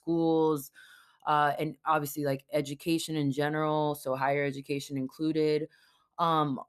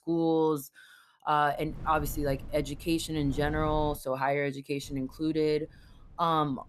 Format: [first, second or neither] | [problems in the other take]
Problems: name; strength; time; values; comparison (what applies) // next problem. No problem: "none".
first | wind noise on the microphone; occasional gusts; from 1.5 to 4 s and from 5 s on; 25 dB below the speech